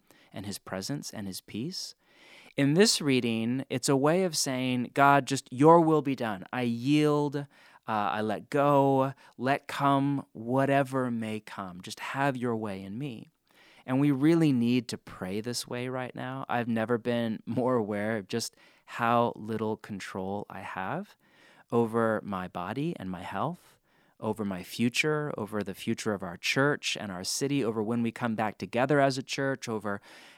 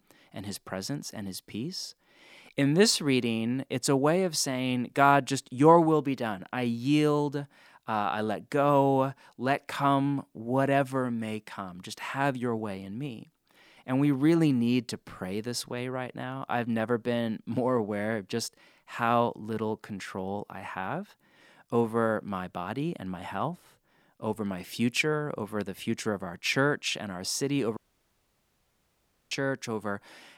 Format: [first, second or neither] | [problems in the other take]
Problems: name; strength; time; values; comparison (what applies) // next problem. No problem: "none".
first | audio cutting out; at 28 s for 1.5 s